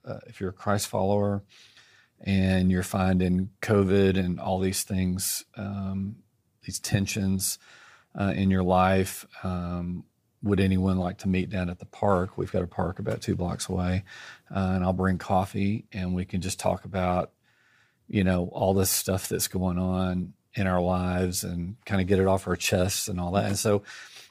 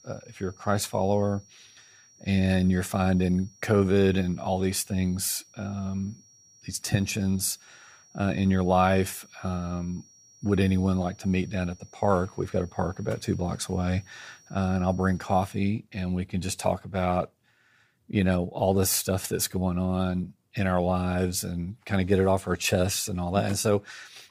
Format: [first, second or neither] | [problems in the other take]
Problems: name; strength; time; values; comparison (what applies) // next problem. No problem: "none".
first | high-pitched whine; faint; until 16 s; 5.5 kHz, 25 dB below the speech